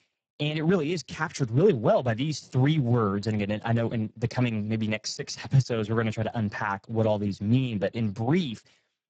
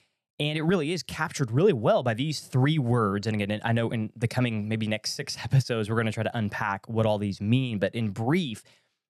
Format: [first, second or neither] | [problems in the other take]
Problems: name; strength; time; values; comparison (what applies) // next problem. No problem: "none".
second | garbled, watery; badly; nothing above 7.5 kHz